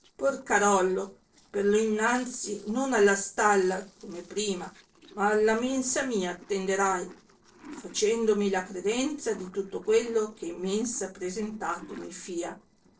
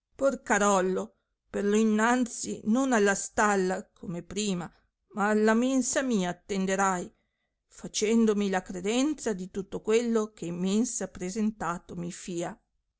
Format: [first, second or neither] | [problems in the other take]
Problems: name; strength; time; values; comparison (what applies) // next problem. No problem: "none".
second | noise reduction (neural separator model SepFormer DNS4)